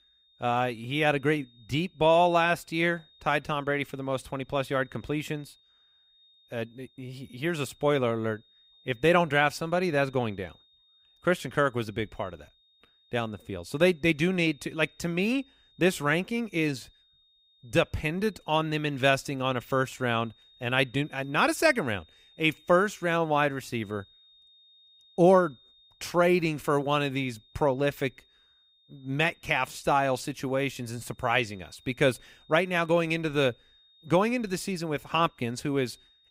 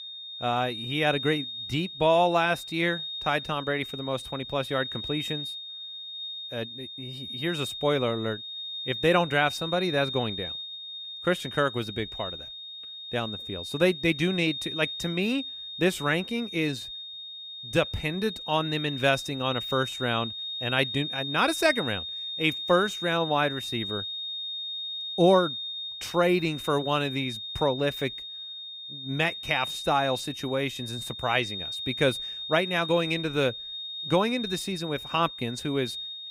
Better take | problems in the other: first | high-pitched whine; loud; throughout; 3.5 kHz, 6 dB below the speech; faint in the first

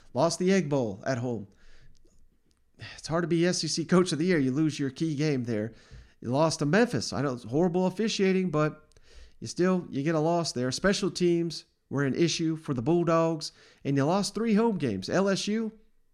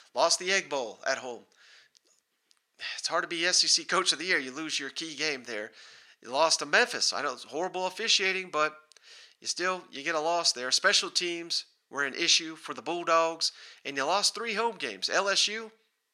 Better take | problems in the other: first | thin; very; fading below 750 Hz

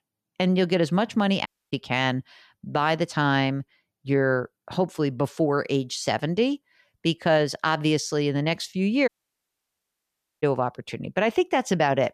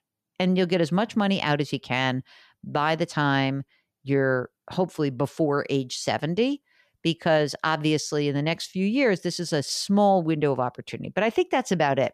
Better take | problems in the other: second | audio cutting out; at 1.5 s and at 9 s for 1.5 s

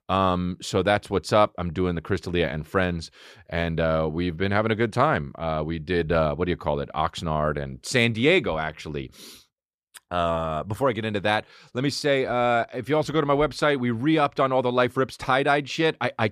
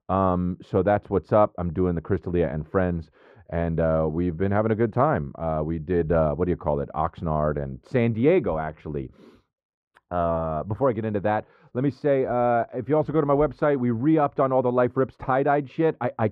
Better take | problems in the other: first | muffled; very; fading above 2.5 kHz

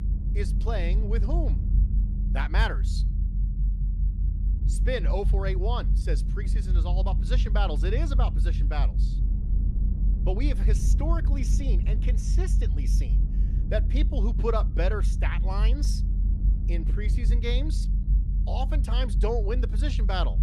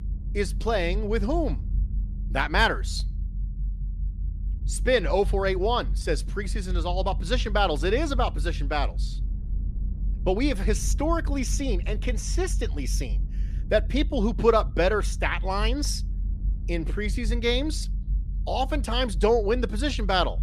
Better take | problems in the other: second | low rumble; loud; throughout; 10 dB below the speech; faint in the second

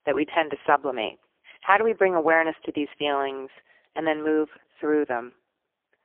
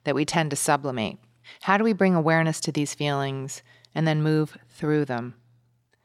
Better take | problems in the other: second | phone-call audio; poor line; nothing above 3 kHz

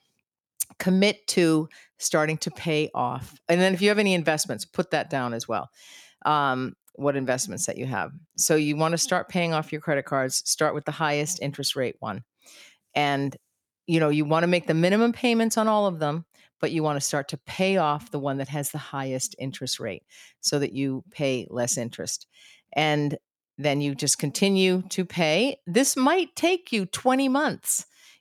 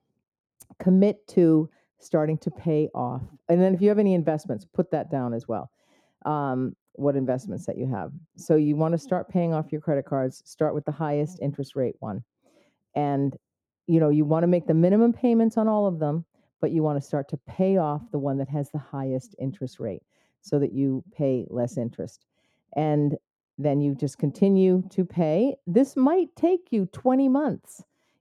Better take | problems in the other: first | muffled; very; fading above 1 kHz

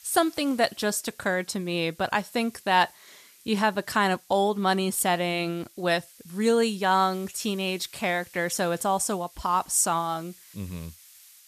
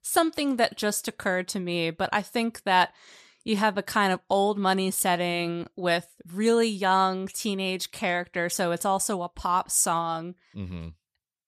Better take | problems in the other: second | hiss; faint; throughout; 25 dB below the speech

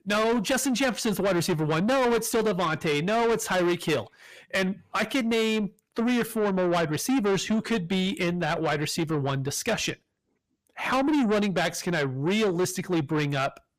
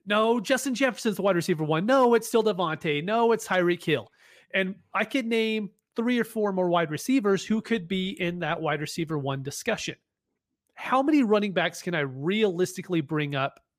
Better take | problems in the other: second | distortion; heavy; 7 dB below the speech

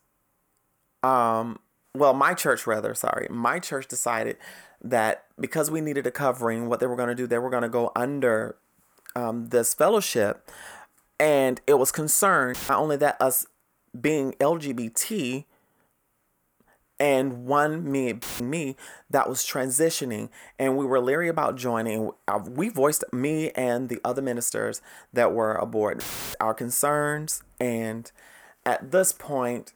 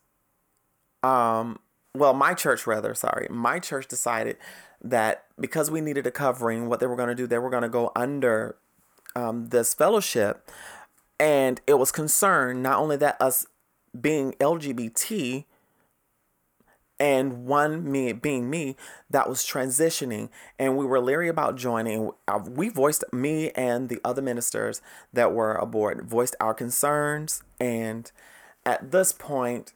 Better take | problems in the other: second | audio cutting out; filled with static; at 13 s, at 18 s and at 26 s

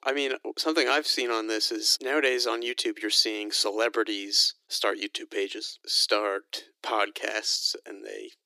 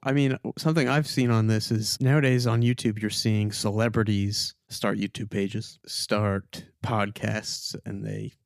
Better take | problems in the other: second | thin; very; fading below 300 Hz

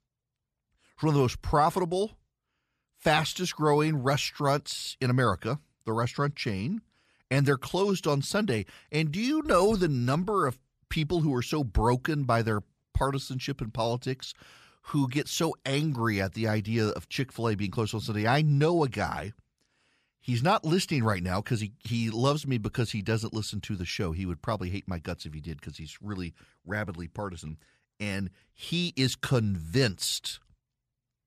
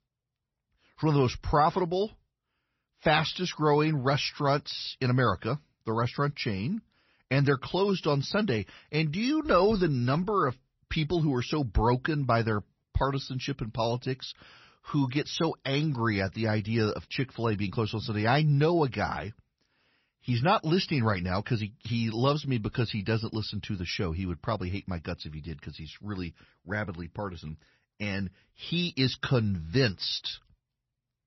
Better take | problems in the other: first | garbled, watery; slightly; nothing above 6 kHz

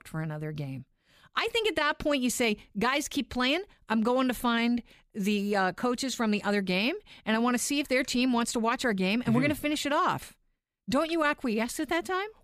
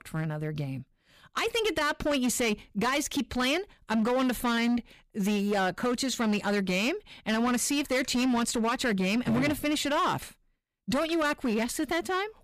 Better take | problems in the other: first | distortion; slight; 13% of the sound clipped

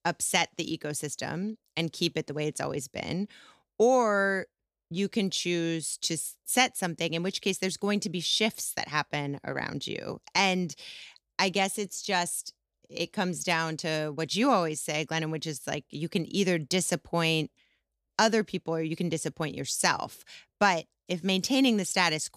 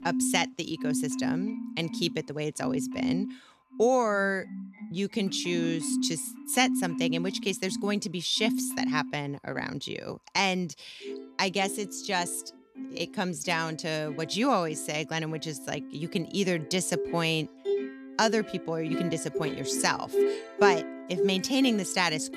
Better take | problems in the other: first | background music; loud; throughout; 5 dB below the speech

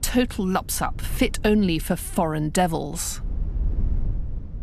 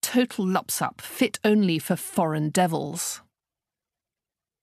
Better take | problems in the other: second | low rumble; faint; throughout; 25 dB below the speech

